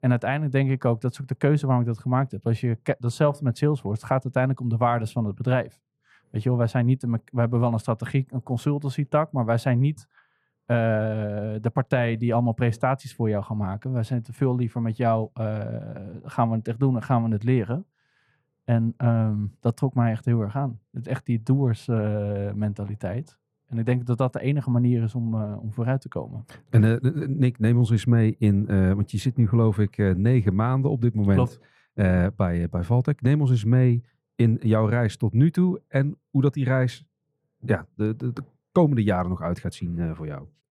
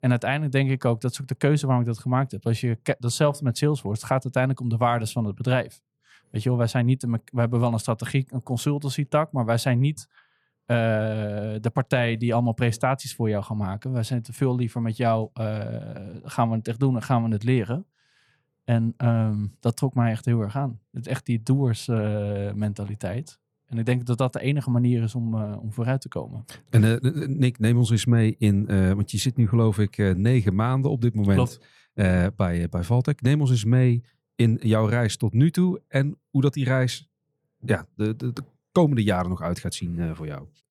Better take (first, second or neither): second